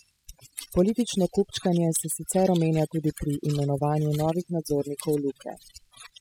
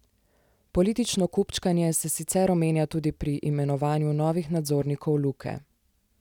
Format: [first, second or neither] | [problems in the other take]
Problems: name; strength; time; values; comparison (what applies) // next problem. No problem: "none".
second | noise reduction (classical method spectral subtraction)